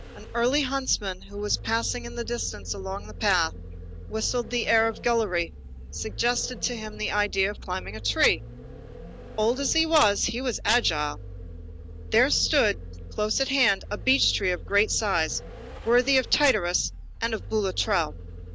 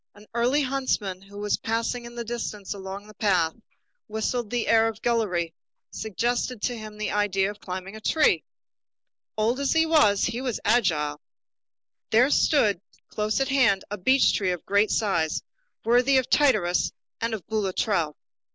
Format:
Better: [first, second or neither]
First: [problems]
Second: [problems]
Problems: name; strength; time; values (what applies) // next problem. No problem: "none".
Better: second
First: background sound (Vehicle); 12 dB below the speech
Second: none